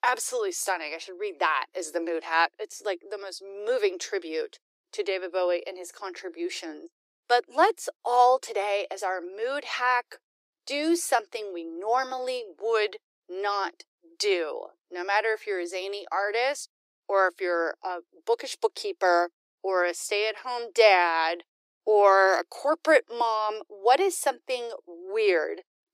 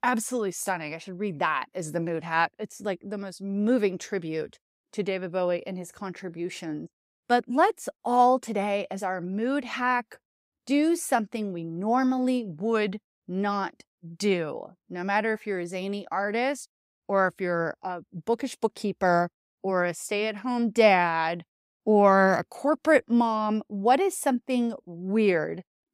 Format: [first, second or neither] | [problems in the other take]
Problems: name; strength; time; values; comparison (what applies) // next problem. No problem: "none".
second | thin; very; fading below 350 Hz